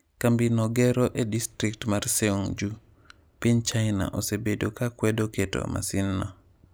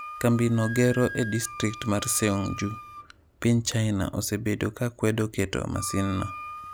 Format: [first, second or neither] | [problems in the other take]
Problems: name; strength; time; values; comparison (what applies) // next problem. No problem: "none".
first | background sound (Wind instrument, woodwind instrument); 14 dB below the speech